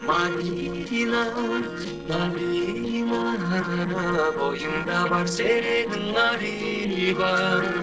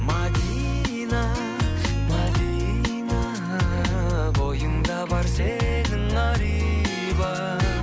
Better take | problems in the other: second | noise reduction (neural separator model SepFormer DNS4)

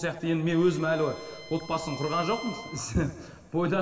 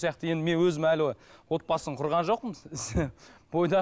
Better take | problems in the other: second | background sound (Bowed string instrument); 18 dB below the speech // room echo; dies away in 2.8 s

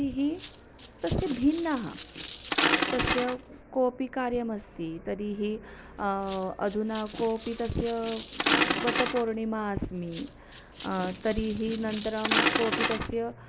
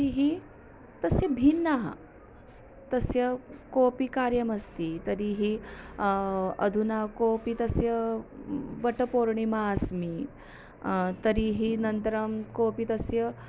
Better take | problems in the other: second | background sound (Coin (dropping)); 2 dB below the speech

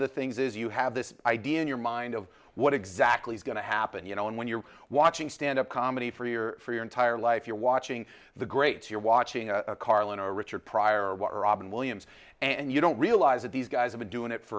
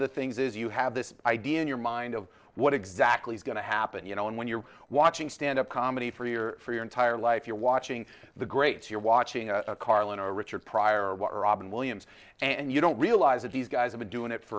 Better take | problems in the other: first | noise reduction (neural separator model SepFormer DNS4)

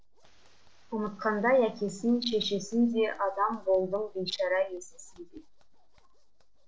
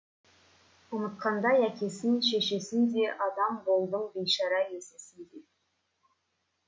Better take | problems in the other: second | noise reduction (neural separator model SepFormer DNS4)

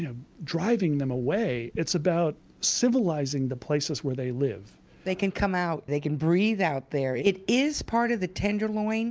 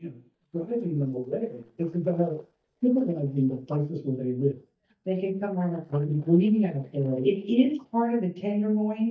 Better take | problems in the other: first | noise reduction (neural mask model DeepFilterNet 3)

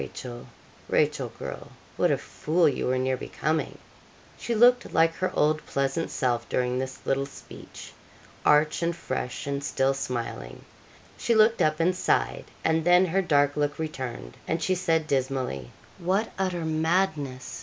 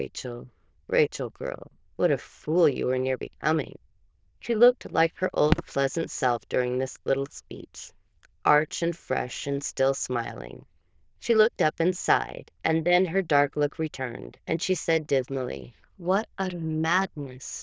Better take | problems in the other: first | noise reduction (neural diffusion model UNIVERSE++)

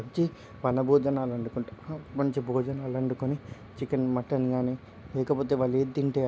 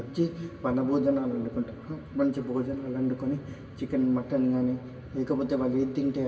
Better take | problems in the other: first | room echo; dies away in 1.9 s

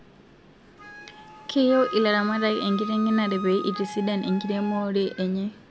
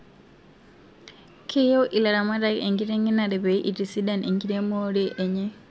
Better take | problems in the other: second | background sound (Wind instrument, woodwind instrument); 12 dB below the speech

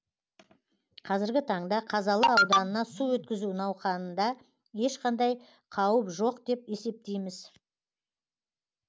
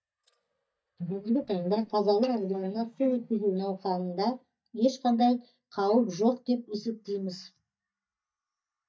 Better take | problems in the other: first | noise reduction (neural mask model DeepFilterNet 3)

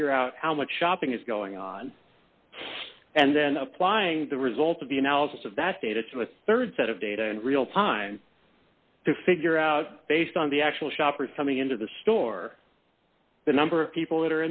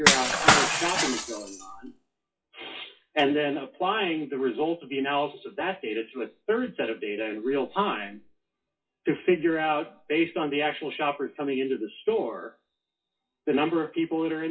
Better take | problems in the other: first | noise reduction (classical method WPE with log-MMSE)

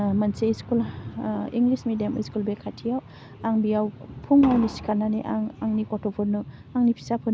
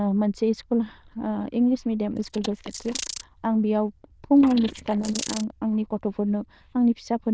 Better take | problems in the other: first | noise reduction (neural diffusion model UNIVERSE++)

